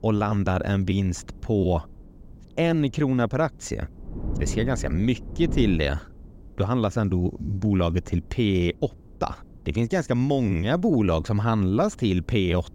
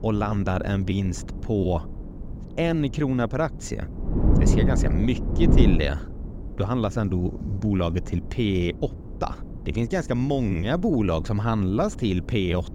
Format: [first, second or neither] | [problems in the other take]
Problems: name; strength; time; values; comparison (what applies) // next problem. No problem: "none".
first | wind noise on the microphone; heavy; 9 dB below the speech; occasional gusts in the first